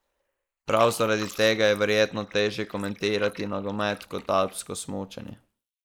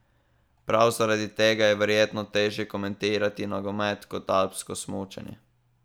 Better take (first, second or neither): second